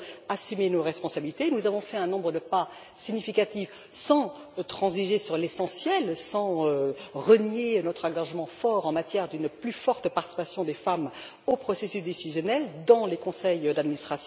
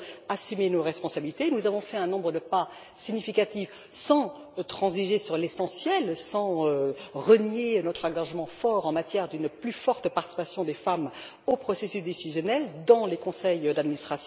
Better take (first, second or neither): first